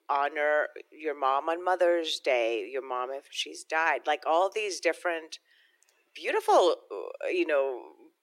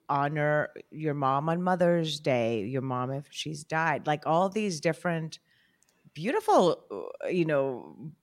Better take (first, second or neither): second